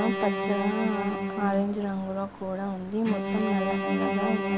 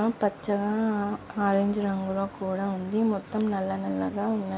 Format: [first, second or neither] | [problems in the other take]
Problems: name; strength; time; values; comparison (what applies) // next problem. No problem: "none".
second | background sound (Bowed string instrument); 1 dB below the speech